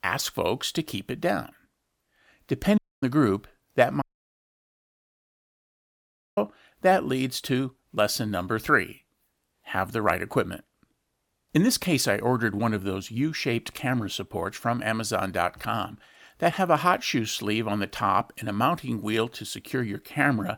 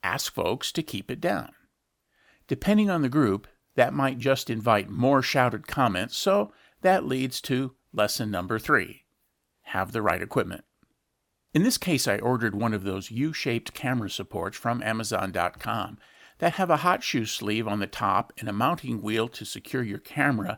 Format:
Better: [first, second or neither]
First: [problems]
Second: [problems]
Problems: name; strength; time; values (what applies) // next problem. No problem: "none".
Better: second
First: audio cutting out; at 3 s and at 4 s for 2.5 s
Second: none